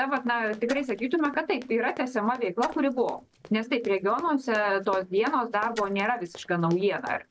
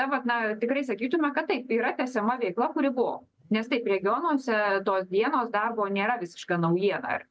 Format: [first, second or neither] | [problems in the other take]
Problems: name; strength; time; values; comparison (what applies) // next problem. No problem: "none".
second | background sound (Splash, splatter + Run); 20 dB below the speech